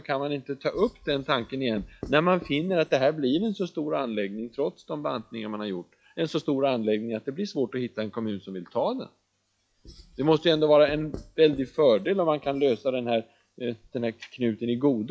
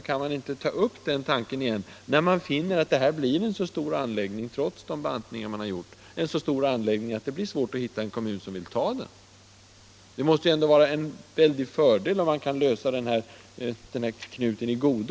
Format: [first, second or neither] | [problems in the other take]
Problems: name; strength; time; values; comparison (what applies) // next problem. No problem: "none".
second | noise reduction (classical method log-MMSE)